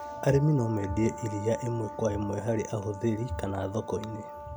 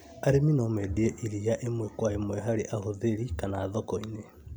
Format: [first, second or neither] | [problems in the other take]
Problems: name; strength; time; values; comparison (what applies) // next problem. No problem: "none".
second | background sound (Brass instrument); 12 dB below the speech